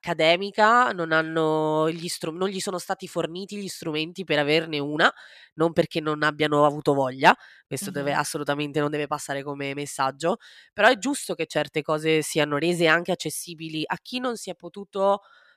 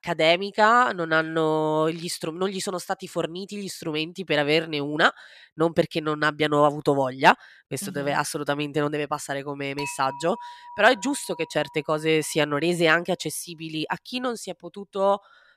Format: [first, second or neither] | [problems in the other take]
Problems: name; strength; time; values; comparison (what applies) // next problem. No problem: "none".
first | clattering dishes; noticeable; from 10 to 12 s; peak 10 dB below the speech